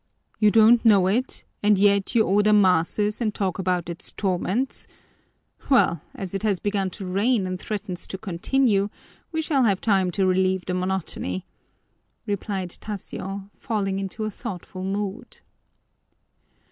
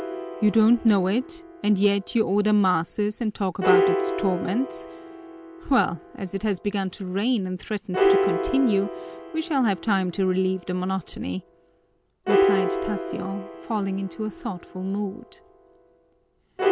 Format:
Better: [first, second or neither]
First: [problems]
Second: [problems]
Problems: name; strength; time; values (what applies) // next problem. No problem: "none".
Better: first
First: none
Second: background sound (Piano); 3 dB below the speech